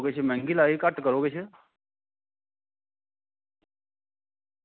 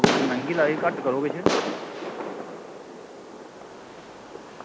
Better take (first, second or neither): first